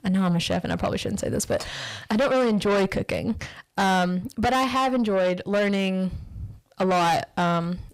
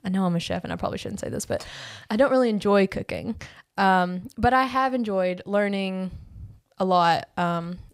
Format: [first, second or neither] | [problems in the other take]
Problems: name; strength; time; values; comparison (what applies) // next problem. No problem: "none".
second | distortion; heavy; 6 dB below the speech